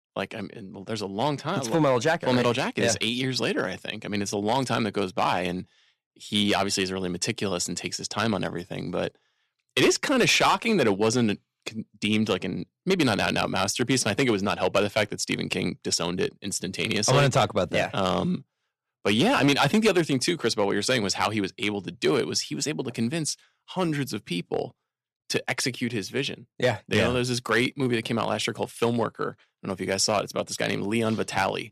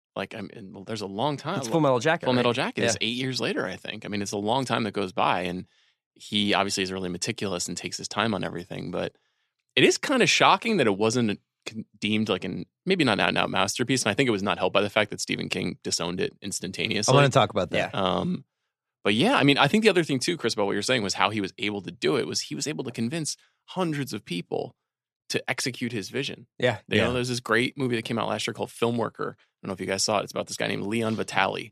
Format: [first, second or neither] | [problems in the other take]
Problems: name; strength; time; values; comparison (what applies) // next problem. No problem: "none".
second | distortion; slight; 2% of the sound clipped